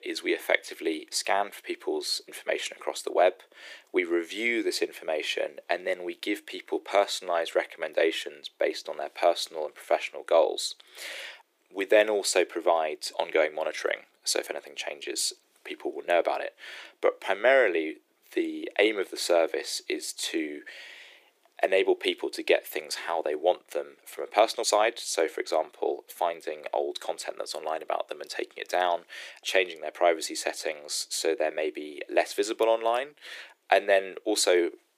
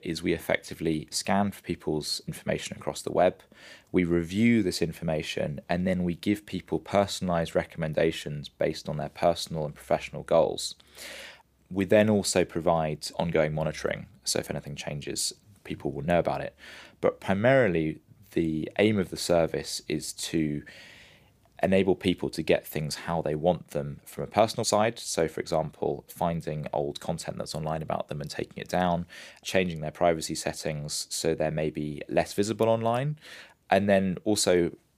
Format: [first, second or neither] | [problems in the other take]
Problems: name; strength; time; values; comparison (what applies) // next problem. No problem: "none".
second | thin; very; fading below 350 Hz